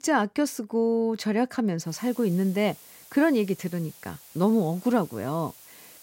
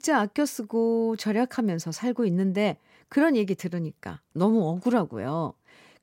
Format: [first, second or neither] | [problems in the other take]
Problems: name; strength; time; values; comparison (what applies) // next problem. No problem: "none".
second | hiss; faint; from 2 s on; 20 dB below the speech